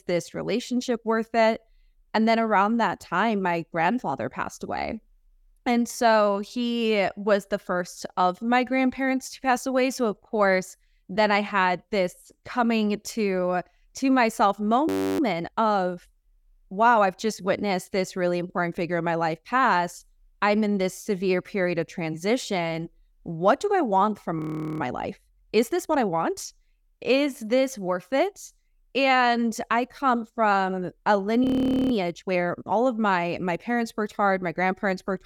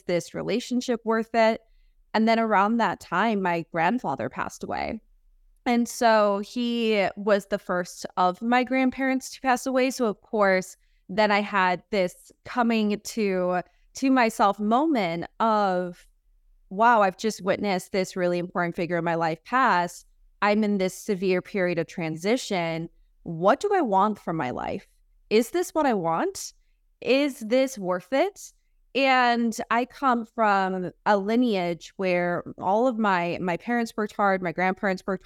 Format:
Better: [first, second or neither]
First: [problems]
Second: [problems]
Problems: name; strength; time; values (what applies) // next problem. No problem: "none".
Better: second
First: audio freezing; at 15 s, at 24 s and at 31 s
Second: none